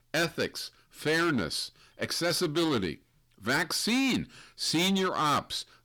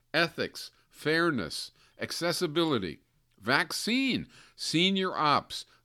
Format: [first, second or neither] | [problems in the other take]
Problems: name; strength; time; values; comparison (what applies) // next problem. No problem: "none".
second | distortion; heavy; 11% of the sound clipped